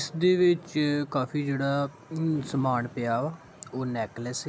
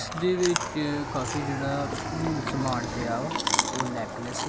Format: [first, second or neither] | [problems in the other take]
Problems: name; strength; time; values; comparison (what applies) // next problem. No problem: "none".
first | background sound (Chewing, mastication + Aircraft); 1 dB below the speech